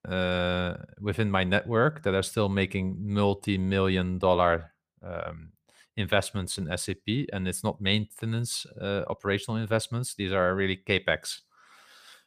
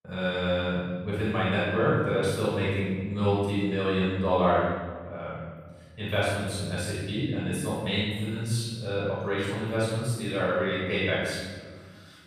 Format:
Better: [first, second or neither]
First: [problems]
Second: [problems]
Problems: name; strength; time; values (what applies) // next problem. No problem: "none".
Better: first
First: none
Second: off-mic speech; far // room echo; strong; dies away in 1.5 s